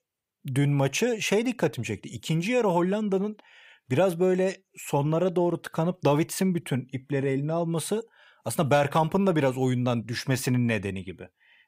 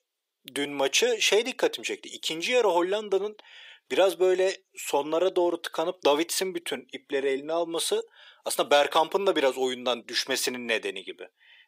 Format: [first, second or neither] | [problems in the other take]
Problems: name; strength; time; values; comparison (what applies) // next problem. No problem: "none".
first | thin; very; fading below 350 Hz